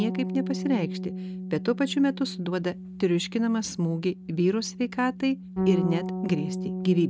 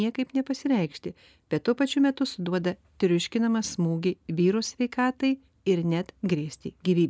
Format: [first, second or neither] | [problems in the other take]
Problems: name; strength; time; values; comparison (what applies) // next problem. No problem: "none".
second | background sound (Bass guitar); 6 dB below the speech